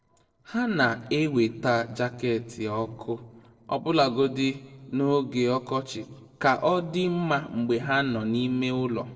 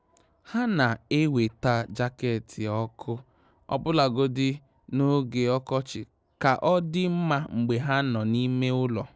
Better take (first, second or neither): second